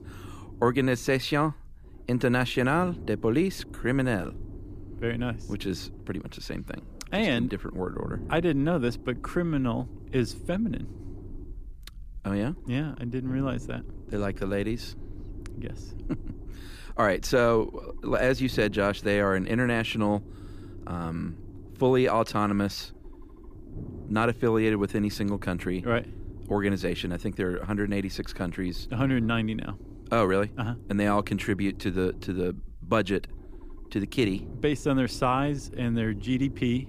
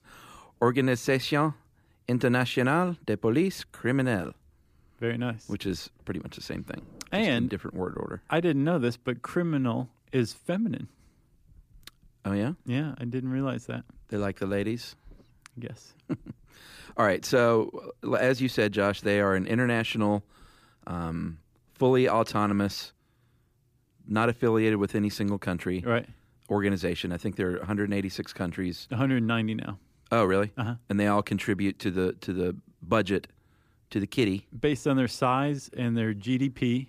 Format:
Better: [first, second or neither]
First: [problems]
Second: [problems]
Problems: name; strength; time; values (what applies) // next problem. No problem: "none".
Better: second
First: low rumble; faint; throughout; 20 dB below the speech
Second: none